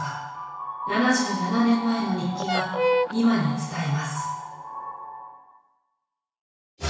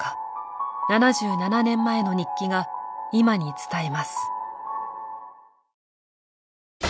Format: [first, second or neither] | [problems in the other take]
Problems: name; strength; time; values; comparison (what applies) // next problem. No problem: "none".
second | background sound (Fowl); 1 dB below the speech // room echo; dies away in 1.1 s